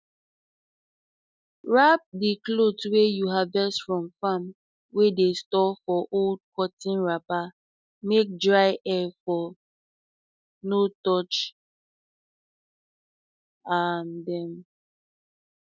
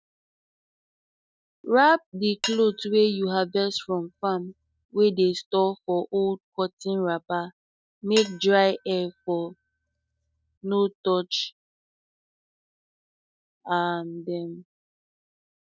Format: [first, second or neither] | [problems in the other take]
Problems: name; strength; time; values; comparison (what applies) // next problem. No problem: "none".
first | background sound (Cutlery, silverware / Dishes, pots, and pans); 14 dB below the speech